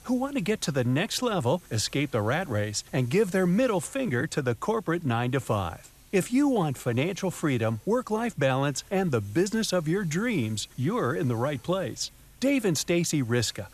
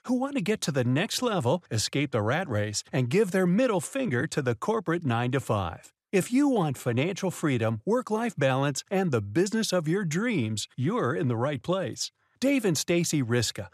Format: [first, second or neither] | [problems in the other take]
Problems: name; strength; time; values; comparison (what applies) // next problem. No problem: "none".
second | hiss; faint; throughout; 25 dB below the speech